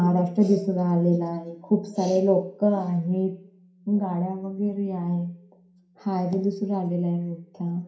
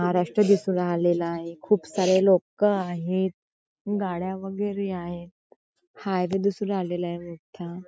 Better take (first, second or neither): second